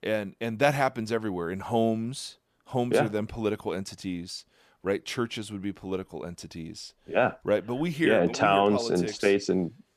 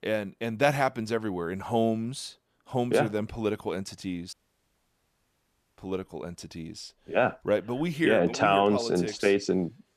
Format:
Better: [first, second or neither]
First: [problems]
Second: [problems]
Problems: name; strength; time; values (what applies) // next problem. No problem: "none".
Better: first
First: none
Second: audio cutting out; at 4.5 s for 1.5 s